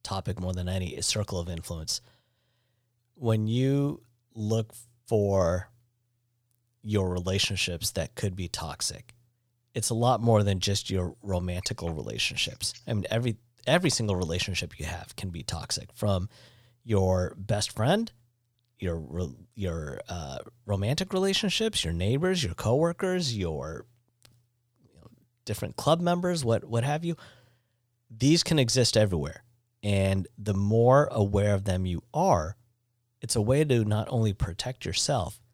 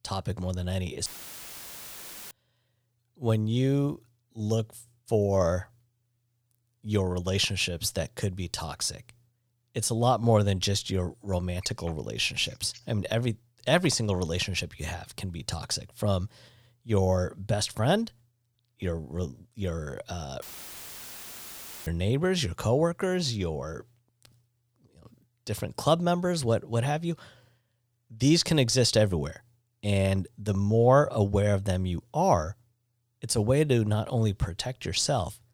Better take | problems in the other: first | audio cutting out; filled with static; at 1 s for 1.5 s and at 20 s for 1.5 s

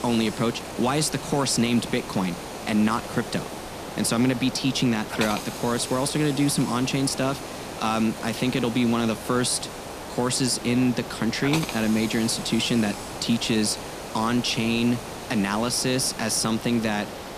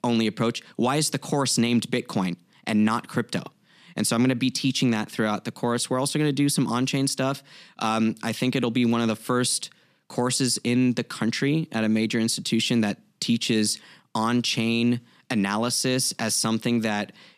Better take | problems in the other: second | hiss; loud; throughout; 10 dB below the speech

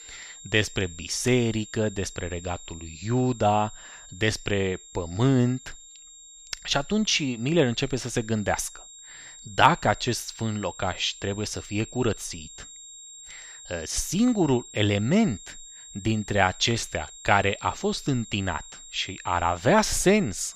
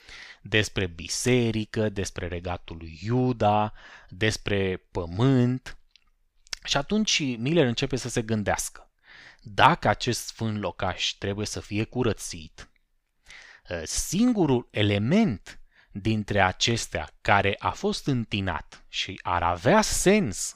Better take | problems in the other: second | high-pitched whine; noticeable; throughout; 7.5 kHz, 15 dB below the speech

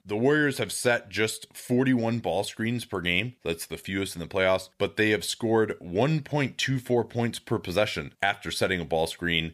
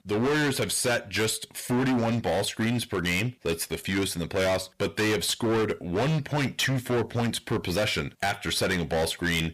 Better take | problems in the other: first | distortion; heavy; 22% of the sound clipped

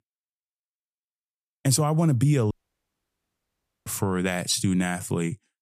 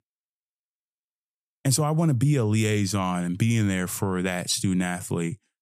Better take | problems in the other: second | audio cutting out; at 2.5 s for 1.5 s

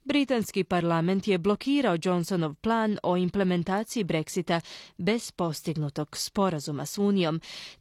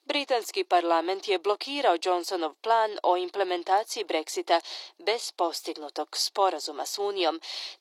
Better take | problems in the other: first | thin; very; fading below 350 Hz

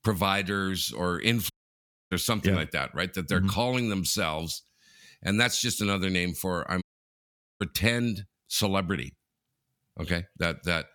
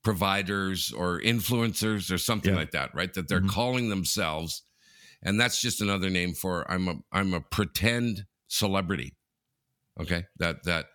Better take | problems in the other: second | audio cutting out; at 1.5 s for 0.5 s and at 7 s for 1 s

